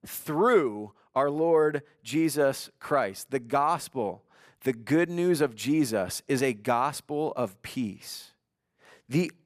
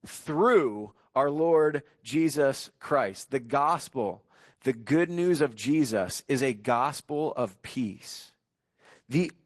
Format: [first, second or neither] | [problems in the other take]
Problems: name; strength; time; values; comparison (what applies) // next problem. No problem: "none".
first | garbled, watery; slightly; nothing above 12 kHz